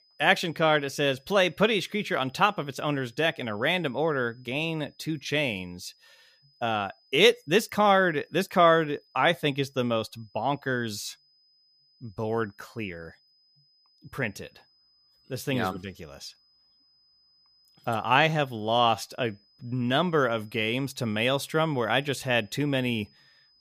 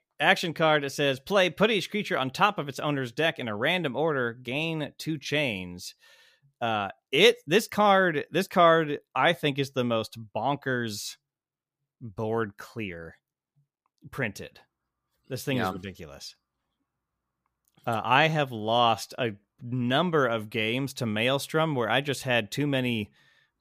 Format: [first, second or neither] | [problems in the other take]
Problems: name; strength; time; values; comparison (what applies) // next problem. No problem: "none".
second | high-pitched whine; faint; throughout; 5 kHz, 35 dB below the speech